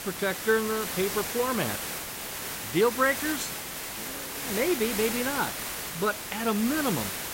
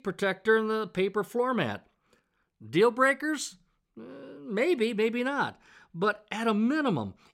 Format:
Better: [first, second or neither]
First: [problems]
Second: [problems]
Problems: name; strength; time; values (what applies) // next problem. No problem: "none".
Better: second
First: hiss; loud; throughout; 4 dB below the speech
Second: none